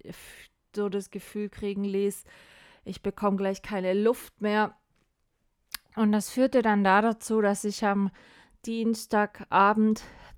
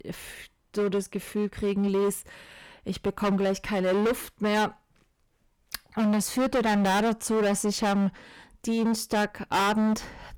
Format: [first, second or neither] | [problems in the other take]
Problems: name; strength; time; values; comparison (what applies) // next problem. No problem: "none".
first | distortion; heavy; 17% of the sound clipped